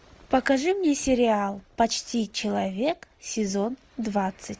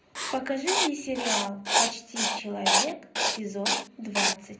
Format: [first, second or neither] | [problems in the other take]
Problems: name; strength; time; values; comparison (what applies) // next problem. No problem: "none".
first | background sound (Writing); 4 dB above the speech // room echo; dies away in 0.4 s